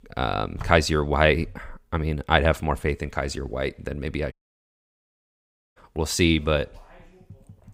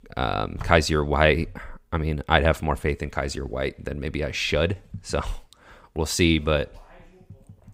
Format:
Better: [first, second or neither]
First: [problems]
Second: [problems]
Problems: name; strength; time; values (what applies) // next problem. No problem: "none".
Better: second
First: audio cutting out; at 4.5 s for 1.5 s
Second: none